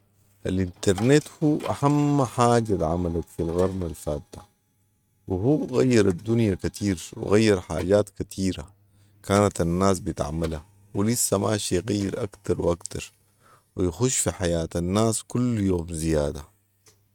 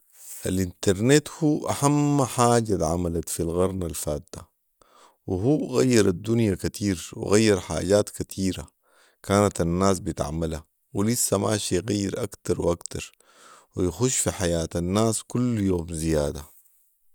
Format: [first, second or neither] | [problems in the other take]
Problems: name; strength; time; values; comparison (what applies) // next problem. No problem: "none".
second | noise reduction (neural mask model RNNoise)